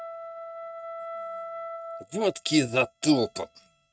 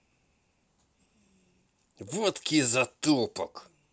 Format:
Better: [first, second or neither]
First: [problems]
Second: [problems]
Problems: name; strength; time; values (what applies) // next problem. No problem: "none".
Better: second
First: noise reduction (neural mask model RNNoise)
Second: none